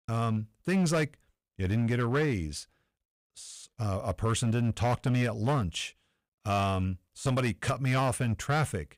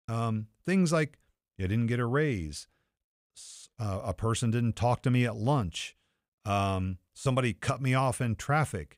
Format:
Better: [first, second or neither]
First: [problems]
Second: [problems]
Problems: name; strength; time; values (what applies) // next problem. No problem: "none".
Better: second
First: distortion; slight; 8% of the sound clipped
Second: none